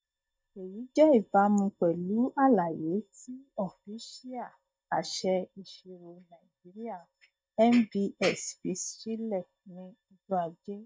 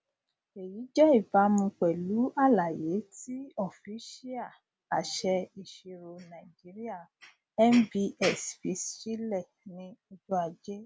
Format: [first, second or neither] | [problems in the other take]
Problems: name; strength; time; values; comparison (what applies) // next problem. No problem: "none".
second | noise reduction (neural mask model DeepFilterNet 3)